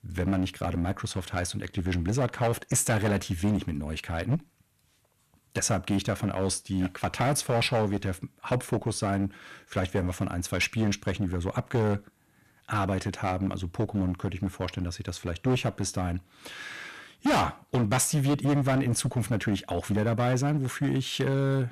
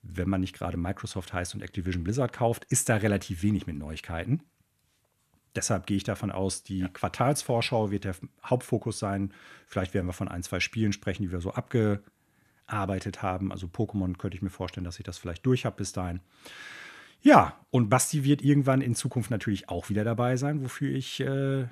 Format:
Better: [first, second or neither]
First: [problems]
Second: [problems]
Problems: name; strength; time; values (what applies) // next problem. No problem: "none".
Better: second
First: distortion; heavy; 9% of the sound clipped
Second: none